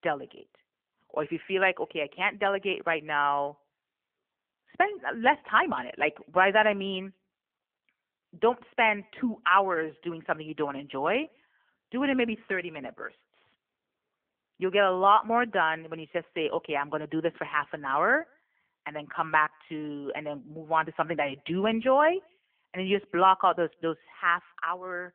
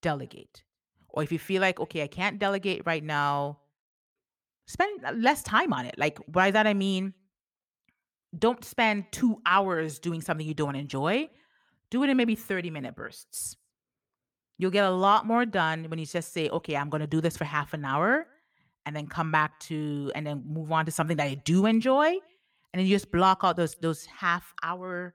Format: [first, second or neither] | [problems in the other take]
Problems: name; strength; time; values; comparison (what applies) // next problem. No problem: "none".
second | phone-call audio; nothing above 3 kHz